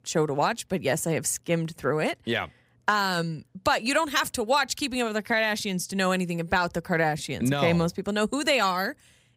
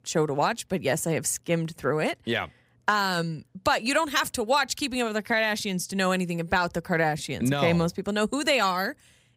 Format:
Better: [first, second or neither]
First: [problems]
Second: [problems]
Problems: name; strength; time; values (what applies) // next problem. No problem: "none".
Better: neither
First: none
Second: none